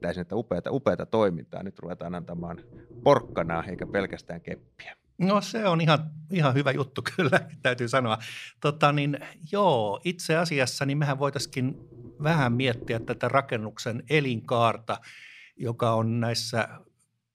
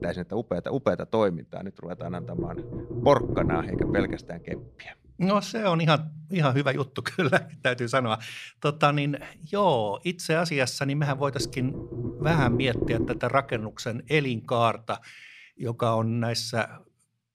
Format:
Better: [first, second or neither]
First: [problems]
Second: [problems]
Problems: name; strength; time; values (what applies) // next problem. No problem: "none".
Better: first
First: low rumble; faint; until 6 s and from 9 to 15 s; 25 dB below the speech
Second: low rumble; loud; until 6 s and from 9 to 15 s; 10 dB below the speech